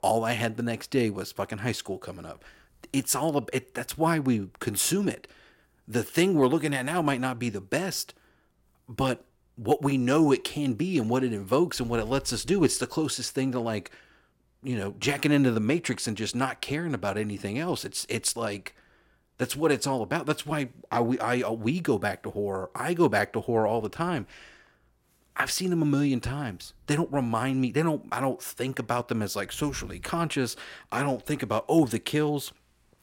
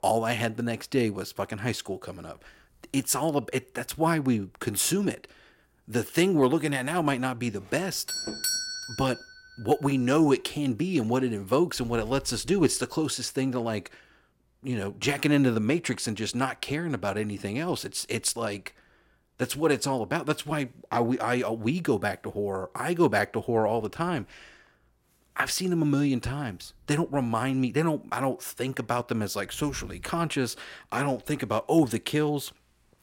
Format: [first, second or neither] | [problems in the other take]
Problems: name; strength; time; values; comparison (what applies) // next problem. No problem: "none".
first | doorbell; loud; from 8 to 9 s; peak 1 dB above the speech